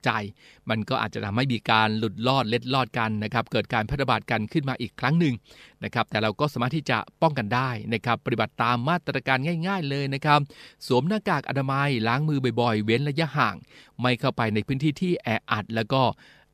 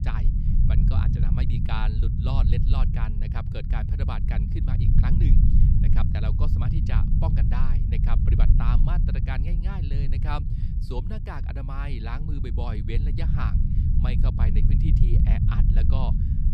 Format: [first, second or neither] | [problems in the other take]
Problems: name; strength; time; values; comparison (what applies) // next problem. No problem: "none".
first | low rumble; loud; throughout; 1 dB below the speech